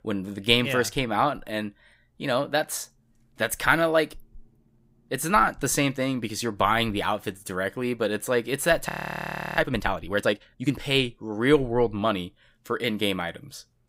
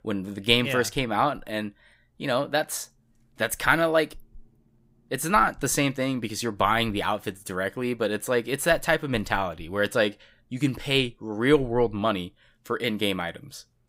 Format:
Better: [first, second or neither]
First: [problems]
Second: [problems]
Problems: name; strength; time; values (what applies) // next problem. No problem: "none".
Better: second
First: audio freezing; at 9 s for 0.5 s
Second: none